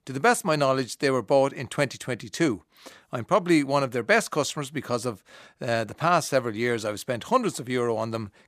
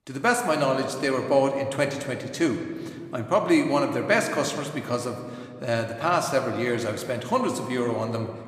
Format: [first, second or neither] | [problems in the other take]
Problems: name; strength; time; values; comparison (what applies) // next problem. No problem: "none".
first | room echo; slight; dies away in 1.6 s